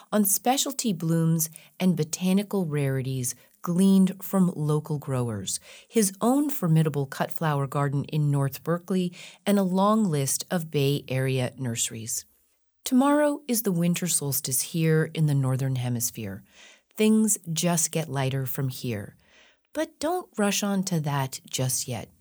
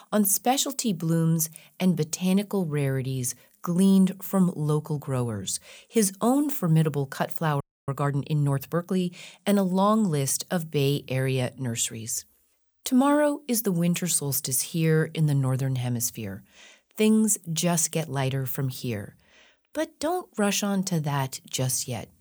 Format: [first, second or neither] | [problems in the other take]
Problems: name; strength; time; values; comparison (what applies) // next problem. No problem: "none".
first | audio freezing; at 7.5 s